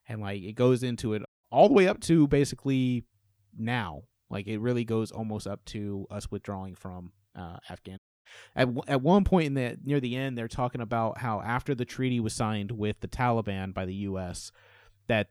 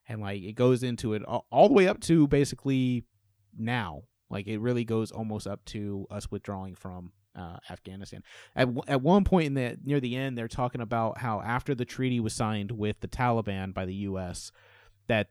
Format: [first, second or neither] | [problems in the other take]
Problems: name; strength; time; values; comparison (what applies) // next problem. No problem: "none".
second | audio cutting out; at 1.5 s and at 8 s